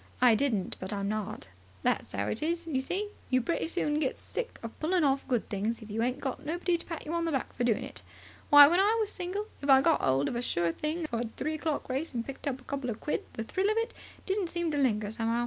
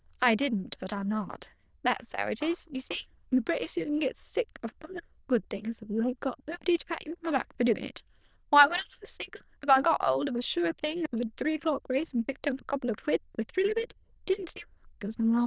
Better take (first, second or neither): first